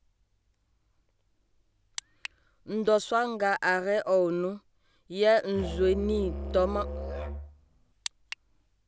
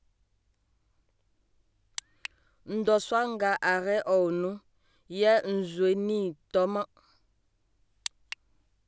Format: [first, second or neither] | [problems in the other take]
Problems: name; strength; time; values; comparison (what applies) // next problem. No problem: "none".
second | background sound (Musical instrument); 6 dB below the speech